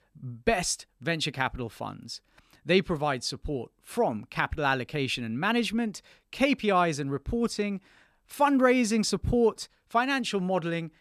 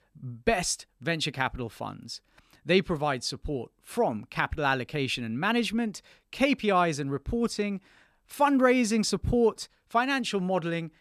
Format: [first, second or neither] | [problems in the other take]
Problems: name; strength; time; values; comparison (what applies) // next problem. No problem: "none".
neither | none